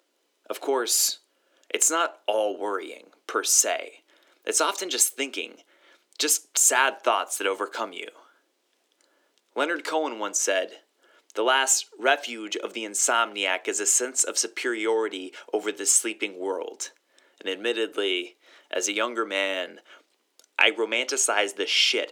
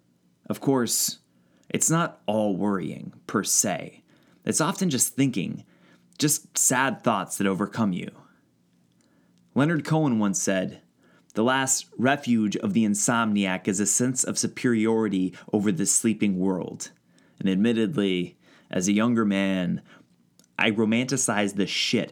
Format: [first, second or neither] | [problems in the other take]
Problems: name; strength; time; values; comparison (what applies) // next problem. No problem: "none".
second | thin; very; fading below 350 Hz